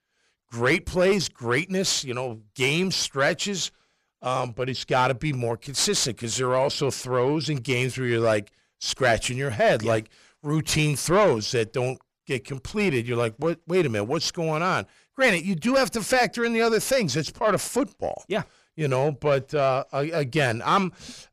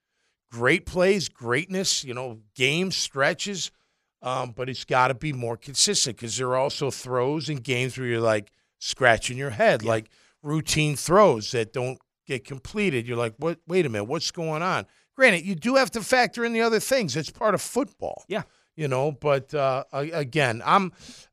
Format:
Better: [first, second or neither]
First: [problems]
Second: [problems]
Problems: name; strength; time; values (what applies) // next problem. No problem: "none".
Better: second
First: distortion; slight; 10 dB below the speech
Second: none